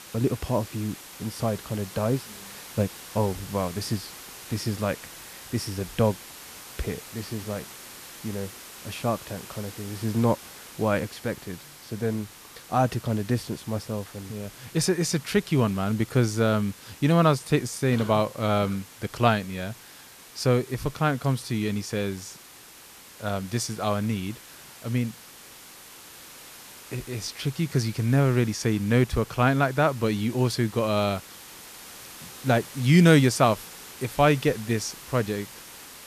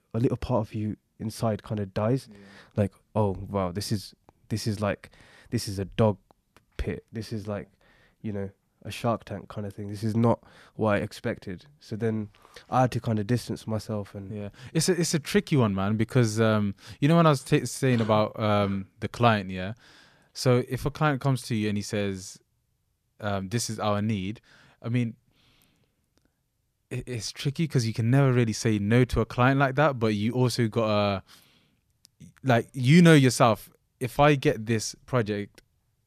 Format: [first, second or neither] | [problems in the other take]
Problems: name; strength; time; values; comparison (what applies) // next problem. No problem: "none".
second | hiss; noticeable; throughout; 15 dB below the speech